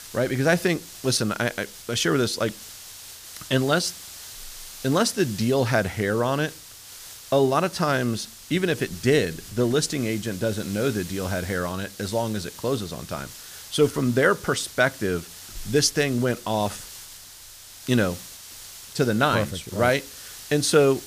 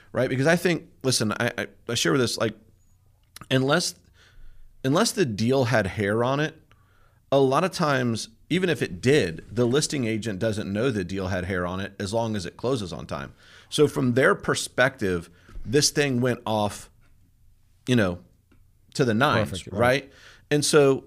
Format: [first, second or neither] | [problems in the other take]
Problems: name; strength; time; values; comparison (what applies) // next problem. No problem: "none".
second | hiss; noticeable; throughout; 15 dB below the speech